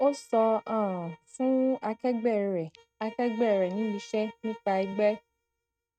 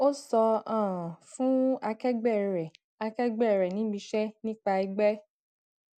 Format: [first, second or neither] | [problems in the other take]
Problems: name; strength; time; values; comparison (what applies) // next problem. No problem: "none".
second | noise reduction (neural mask model RNNoise)